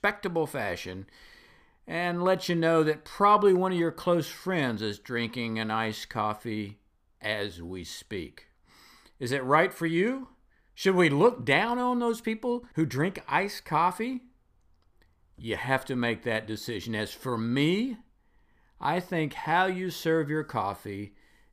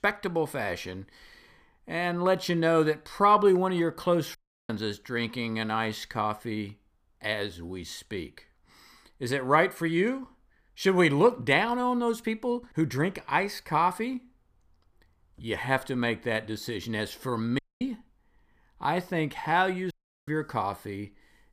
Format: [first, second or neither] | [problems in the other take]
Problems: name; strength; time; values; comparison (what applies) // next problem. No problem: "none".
first | audio cutting out; at 4.5 s, at 18 s and at 20 s